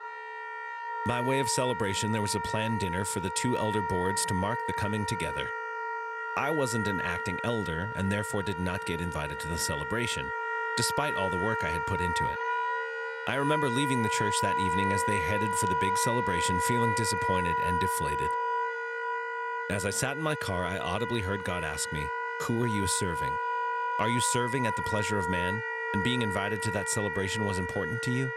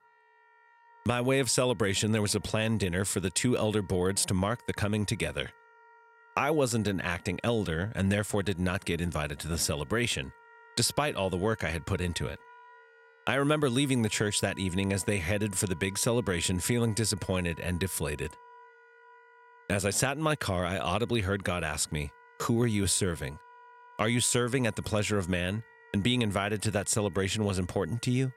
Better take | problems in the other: second | background music; loud; throughout; as loud as the speech; faint in the second

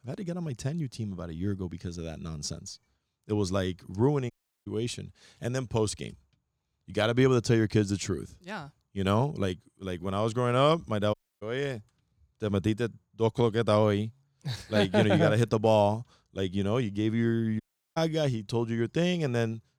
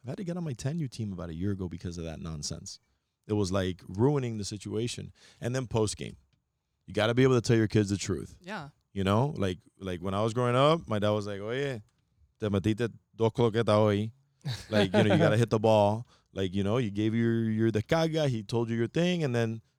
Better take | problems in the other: second | audio cutting out; at 4.5 s, at 11 s and at 18 s

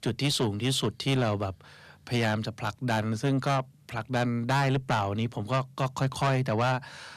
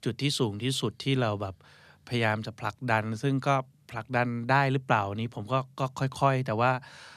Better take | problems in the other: second | distortion; heavy; 8 dB below the speech

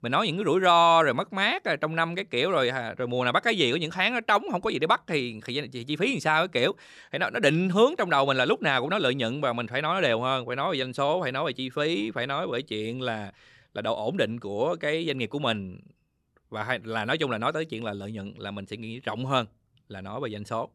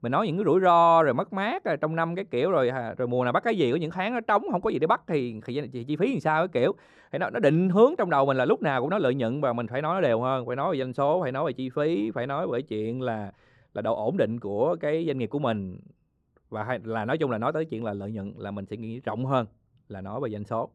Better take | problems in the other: first | muffled; slightly; fading above 1.5 kHz

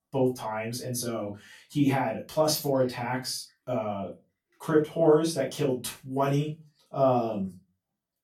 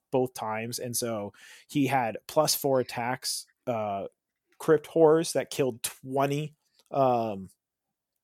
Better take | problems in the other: second | off-mic speech; far // room echo; slight; dies away in 0.2 s

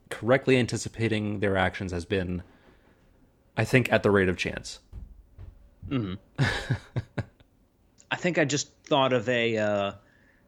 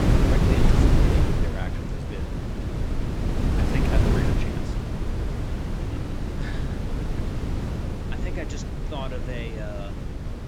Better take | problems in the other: first | wind noise on the microphone; heavy; 5 dB above the speech

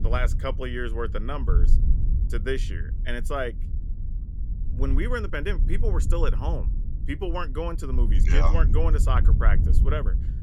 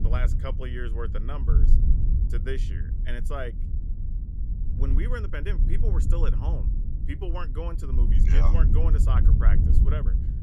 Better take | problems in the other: first | wind noise on the microphone; heavy; 5 dB below the speech; occasional gusts in the first

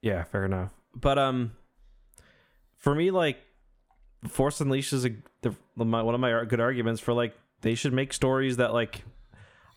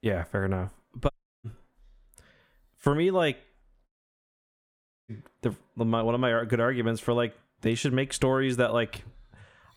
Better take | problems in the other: first | audio cutting out; at 1 s and at 4 s for 1 s

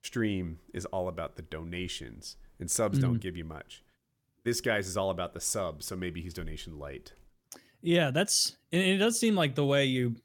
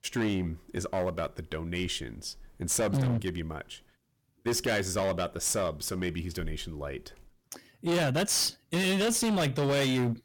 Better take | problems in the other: first | distortion; heavy; 14% of the sound clipped

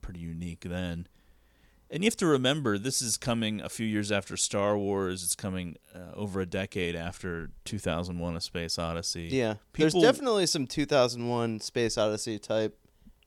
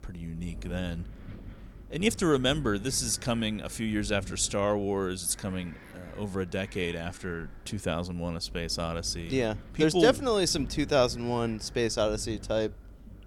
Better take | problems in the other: first | wind noise on the microphone; occasional gusts; 25 dB below the speech

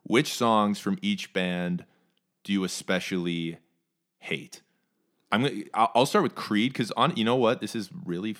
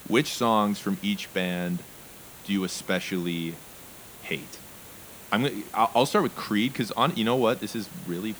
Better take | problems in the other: first | hiss; noticeable; throughout; 15 dB below the speech

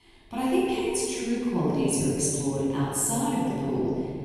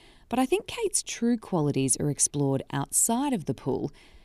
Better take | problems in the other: second | room echo; strong; dies away in 2.5 s // off-mic speech; far

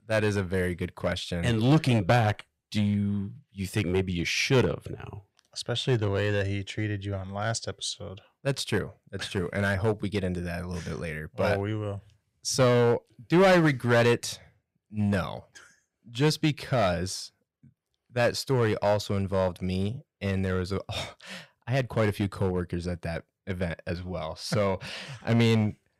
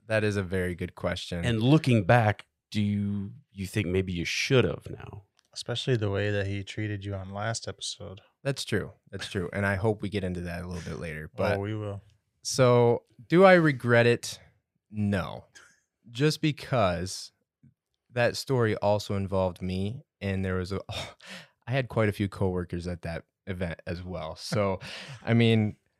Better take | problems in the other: second | distortion; slight; 3% of the sound clipped

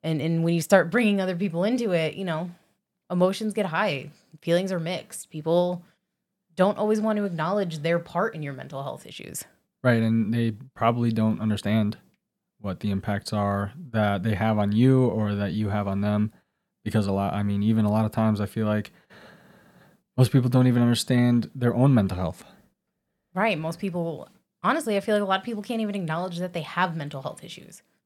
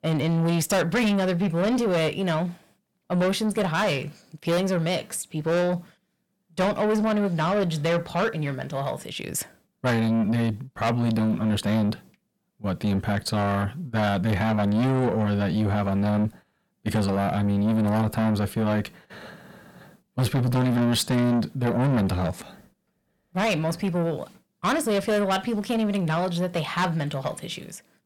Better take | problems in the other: first | distortion; heavy; 6 dB below the speech

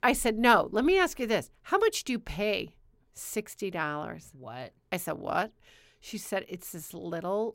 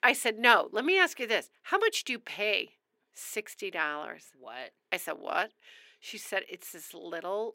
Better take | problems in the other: first | thin; somewhat; fading below 300 Hz

